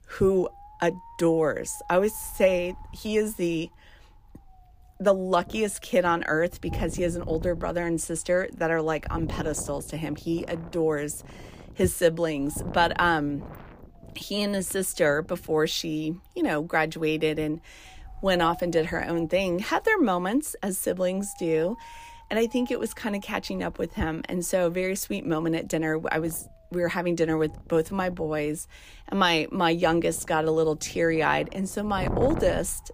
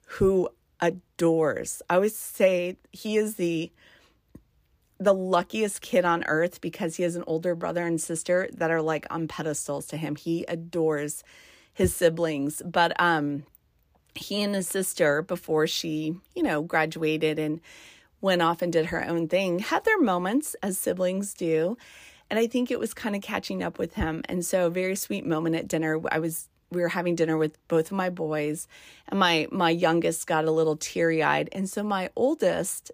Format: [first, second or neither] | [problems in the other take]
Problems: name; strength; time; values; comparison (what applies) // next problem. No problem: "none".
second | wind noise on the microphone; occasional gusts; 20 dB below the speech